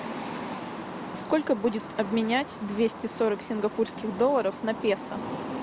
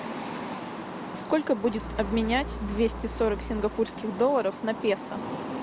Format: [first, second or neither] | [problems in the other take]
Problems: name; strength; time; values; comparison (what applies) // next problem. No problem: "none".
first | background sound (Bowed string instrument); 10 dB below the speech